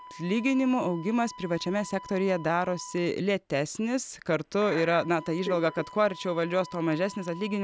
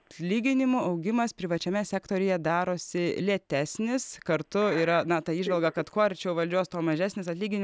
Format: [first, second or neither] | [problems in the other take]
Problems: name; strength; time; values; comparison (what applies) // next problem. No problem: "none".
second | background sound (Wind instrument, woodwind instrument); 19 dB below the speech